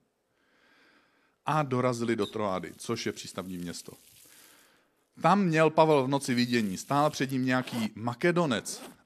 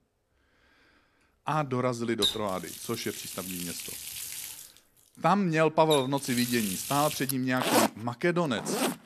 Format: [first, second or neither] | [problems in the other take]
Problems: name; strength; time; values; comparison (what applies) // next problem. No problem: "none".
first | household noises; loud; throughout; 3 dB below the speech; faint in the first